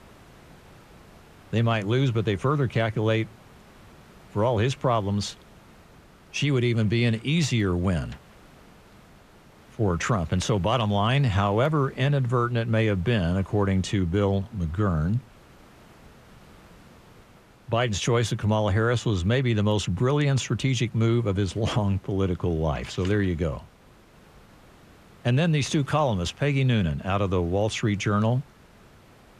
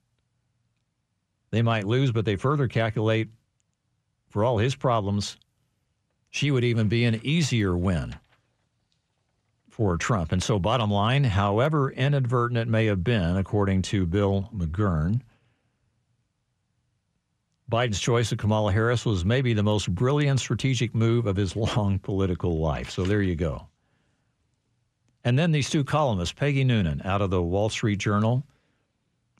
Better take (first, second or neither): second